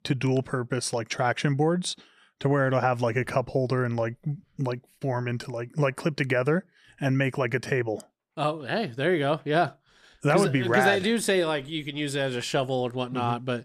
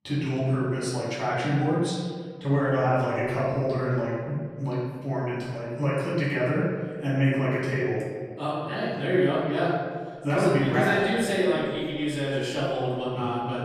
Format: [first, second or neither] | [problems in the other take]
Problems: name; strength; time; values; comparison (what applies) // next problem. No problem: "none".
first | off-mic speech; far // room echo; noticeable; dies away in 1.5 s